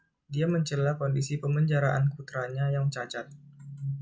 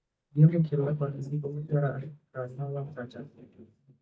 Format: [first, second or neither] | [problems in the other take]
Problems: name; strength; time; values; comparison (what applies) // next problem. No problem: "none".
first | noise reduction (neural mask model DeepFilterNet 3)